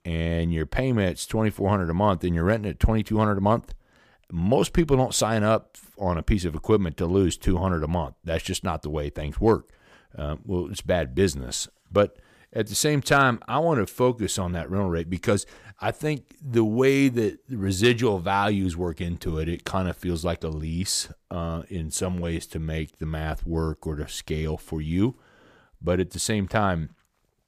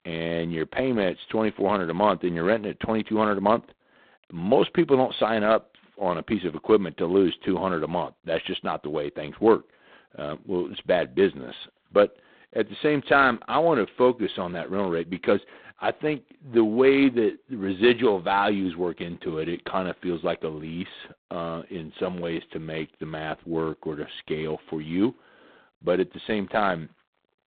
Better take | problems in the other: first | phone-call audio; poor line; nothing above 4 kHz

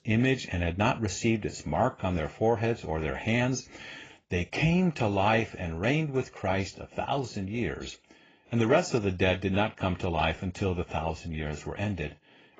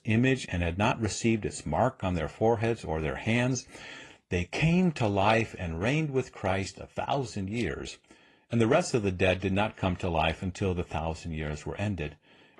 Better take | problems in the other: second | garbled, watery; badly; nothing above 7.5 kHz; slightly in the second

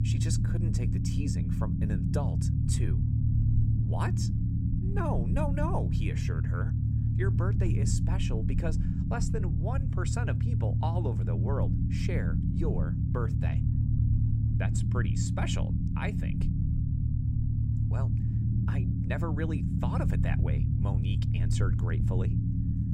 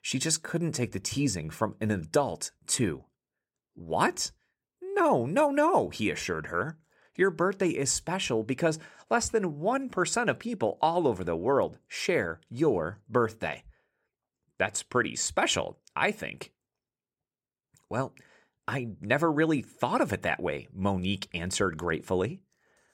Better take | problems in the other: second | low rumble; loud; throughout; 1 dB below the speech

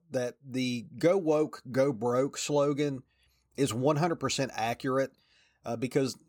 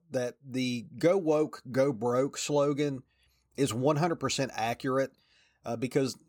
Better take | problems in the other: neither | none

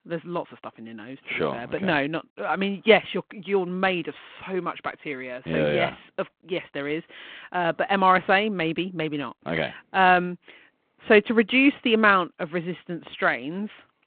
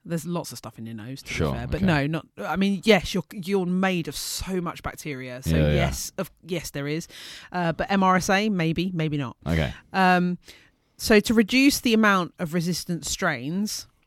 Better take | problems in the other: second | phone-call audio

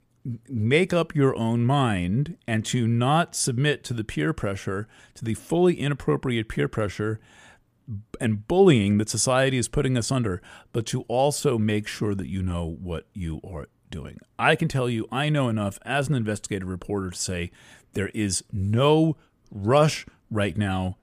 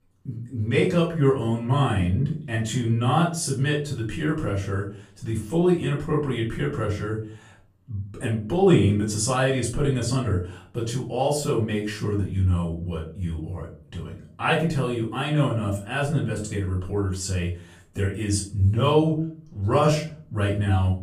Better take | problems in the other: first | off-mic speech; far // room echo; slight; dies away in 0.3 s

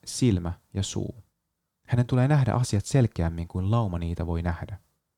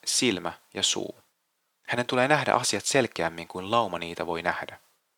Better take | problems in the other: first | thin; very; fading below 450 Hz

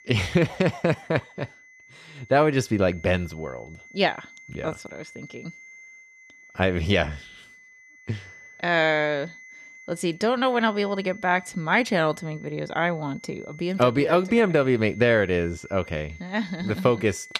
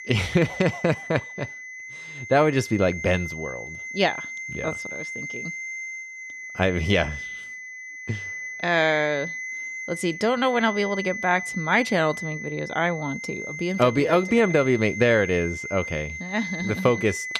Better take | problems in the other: first | high-pitched whine; loud; throughout; 2 kHz, 9 dB below the speech; faint in the first

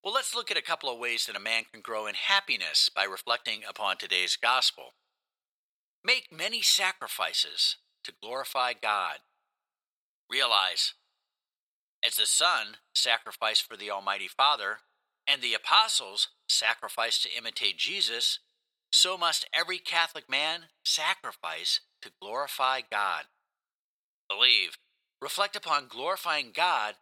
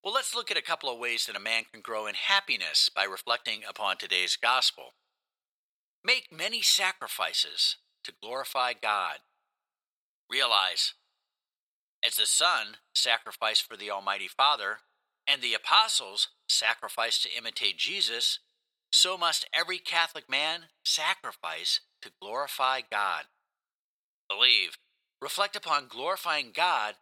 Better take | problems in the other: neither | thin; very; fading below 950 Hz; the same in both

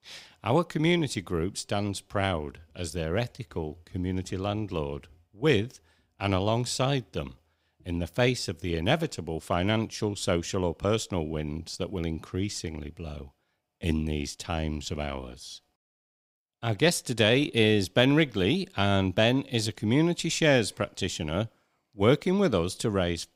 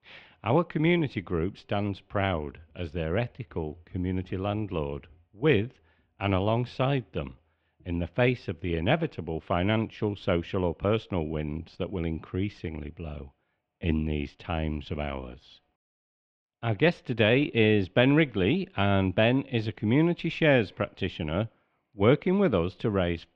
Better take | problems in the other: first | muffled; very; fading above 3 kHz

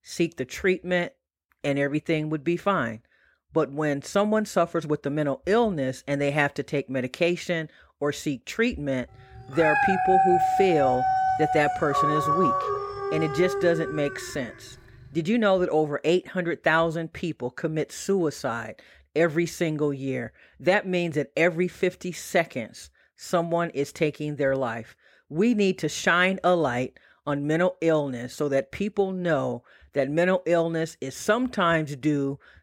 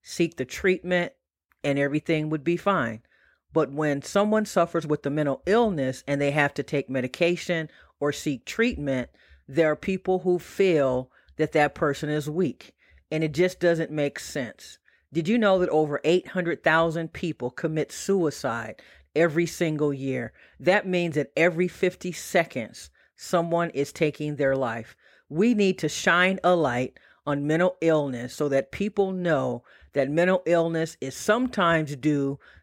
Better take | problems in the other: second | dog barking; loud; from 9.5 to 14 s; peak 5 dB above the speech

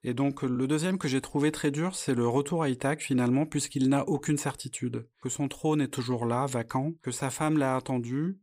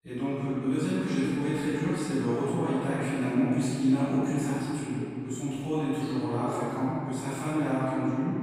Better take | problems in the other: first | off-mic speech; far // room echo; strong; dies away in 2.6 s

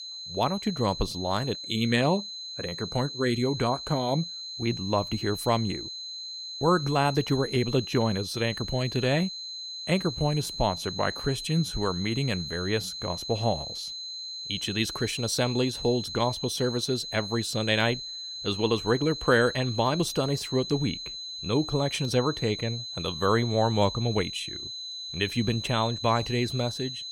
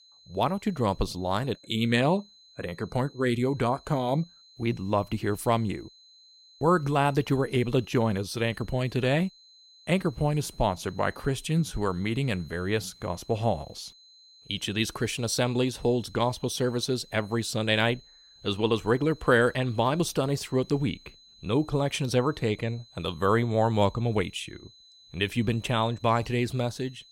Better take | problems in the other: second | high-pitched whine; loud; throughout; 4 kHz, 7 dB below the speech; faint in the second

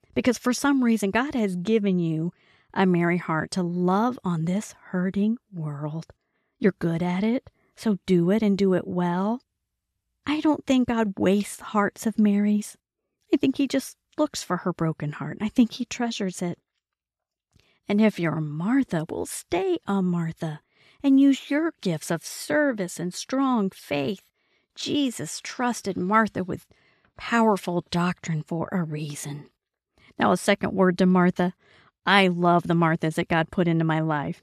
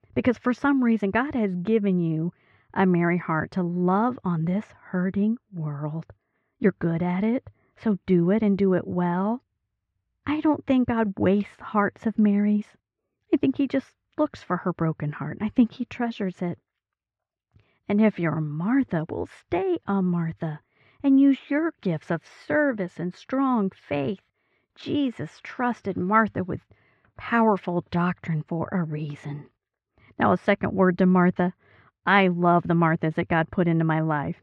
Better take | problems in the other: first | muffled; very; fading above 2 kHz

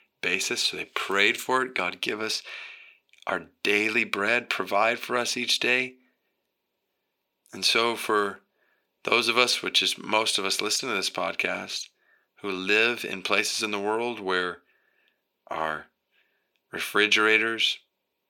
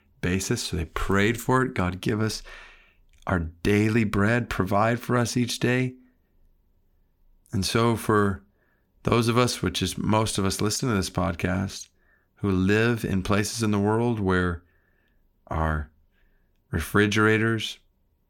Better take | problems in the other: second | thin; somewhat; fading below 450 Hz

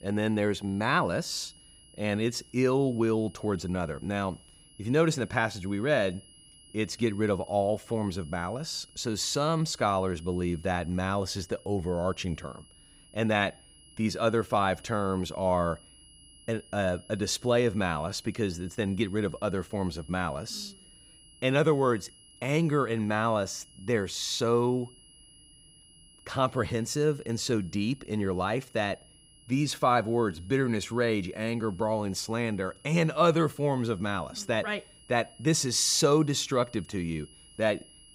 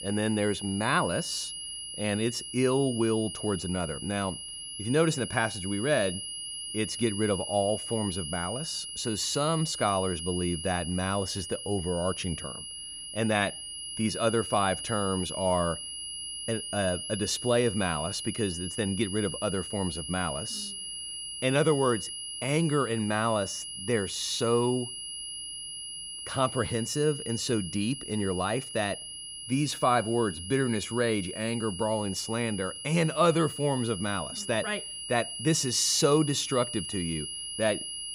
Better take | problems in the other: first | high-pitched whine; loud; throughout; 3 kHz, 7 dB below the speech; faint in the first

